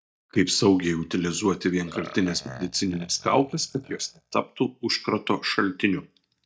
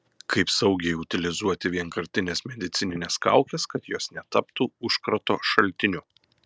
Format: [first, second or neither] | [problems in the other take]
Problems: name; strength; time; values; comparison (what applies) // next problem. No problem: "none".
second | noise reduction (neural mask model DeepFilterNet 3)